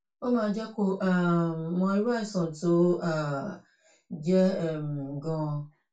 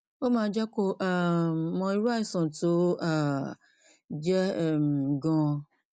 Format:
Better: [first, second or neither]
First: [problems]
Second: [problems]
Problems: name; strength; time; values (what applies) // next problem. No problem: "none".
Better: second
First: room echo; dies away in 0.2 s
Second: none